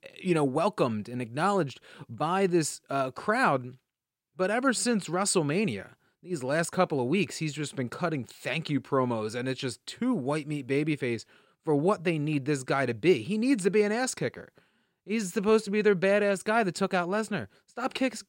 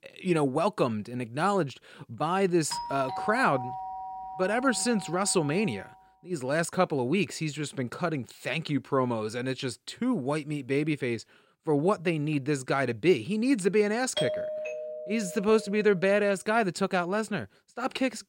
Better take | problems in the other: first | doorbell; noticeable; from 2.5 to 6 s and from 14 to 16 s; peak 2 dB below the speech

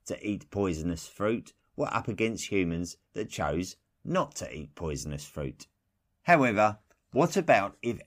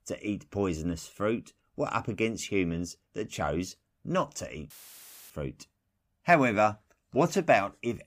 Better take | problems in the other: first | audio cutting out; filled with static; at 4.5 s for 0.5 s

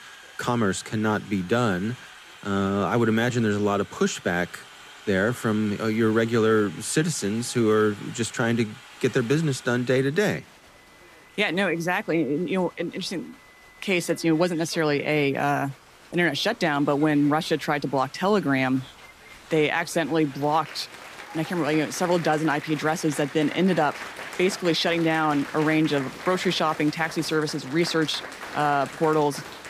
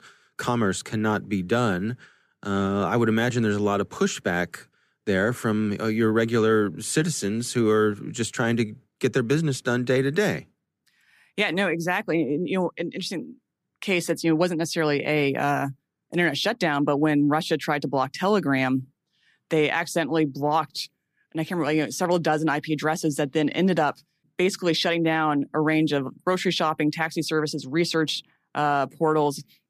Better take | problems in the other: second | crowd noise; noticeable; throughout; 15 dB below the speech

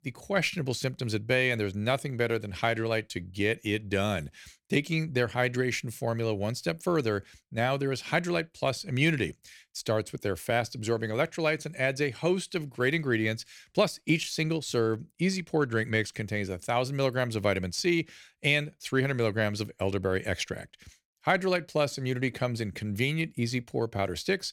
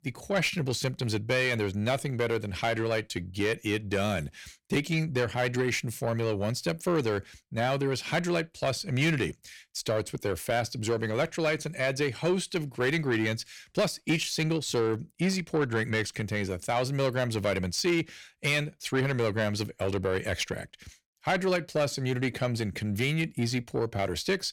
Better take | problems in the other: first | distortion; slight; 10 dB below the speech

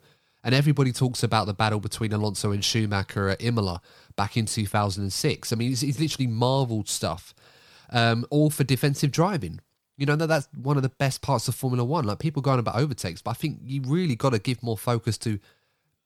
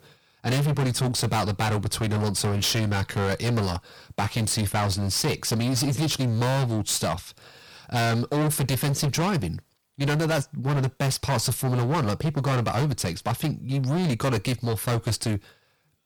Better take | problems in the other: first | distortion; heavy; 24% of the sound clipped

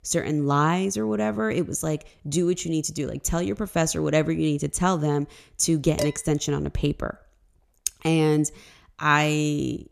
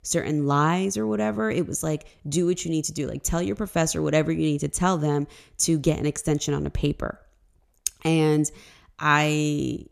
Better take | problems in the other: second | clattering dishes; noticeable; at 6 s; peak 7 dB below the speech

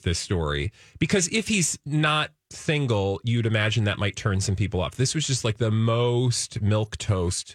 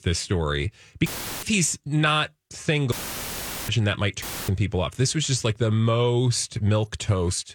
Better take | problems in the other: first | audio cutting out; filled with static; at 1 s, at 3 s for 1 s and at 4 s

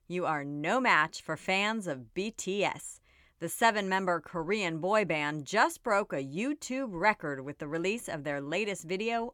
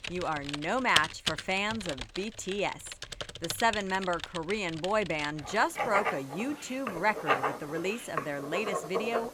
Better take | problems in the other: first | household noises; loud; throughout; 4 dB below the speech

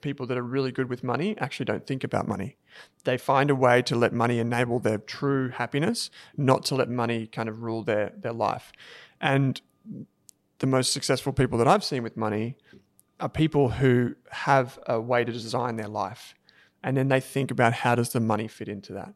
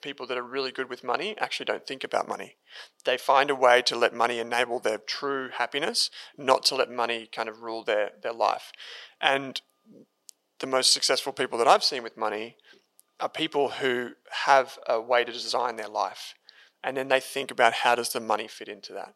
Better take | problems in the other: first | thin; very; fading below 600 Hz

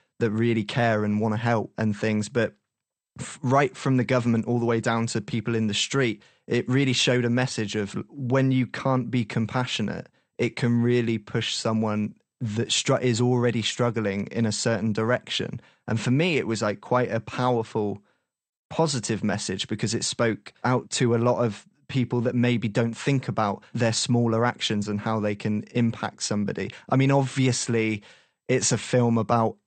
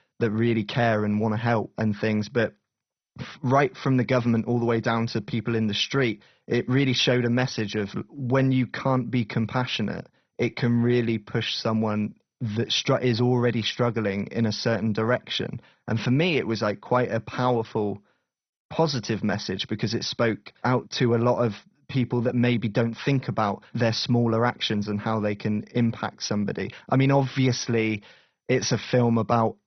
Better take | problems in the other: first | garbled, watery; badly; nothing above 6 kHz; slightly in the first

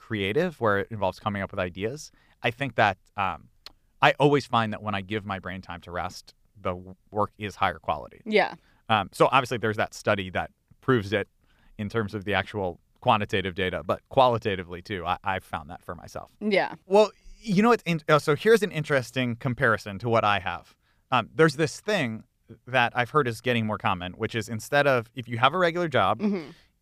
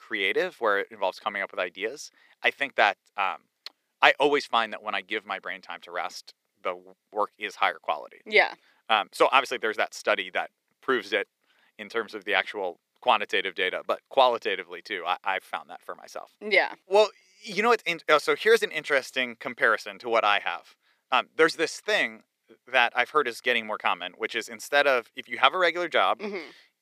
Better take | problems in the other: first | thin; somewhat; fading below 350 Hz

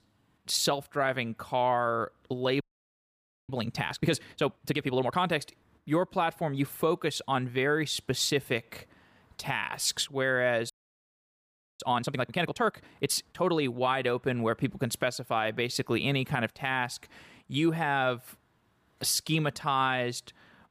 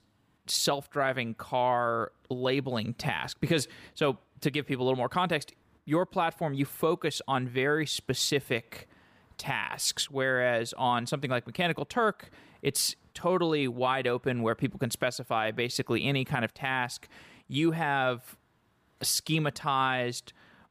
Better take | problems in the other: second | audio freezing; at 2.5 s for 1 s and at 11 s for 1 s

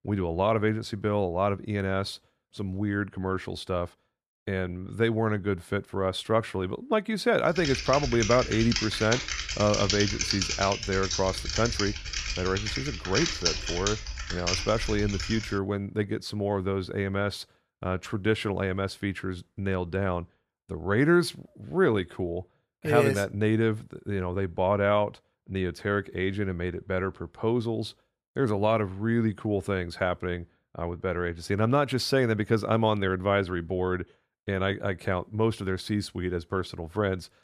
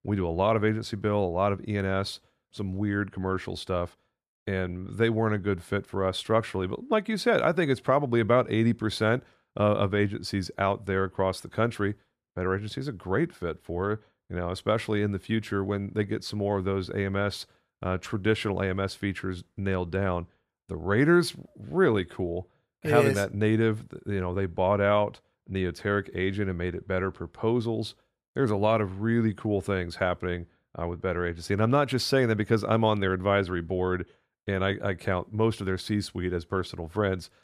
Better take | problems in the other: second | keyboard typing; loud; from 7.5 to 16 s; peak 2 dB above the speech

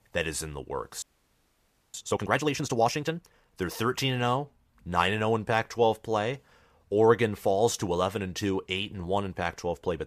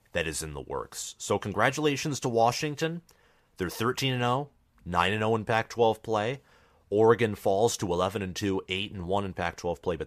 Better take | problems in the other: second | audio freezing; at 1 s for 1 s

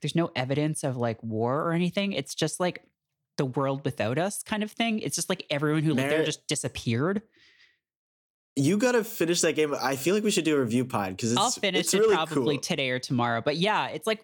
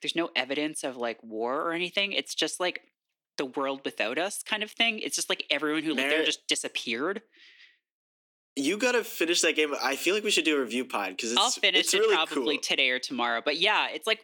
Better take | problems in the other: first | thin; very slightly; fading below 300 Hz

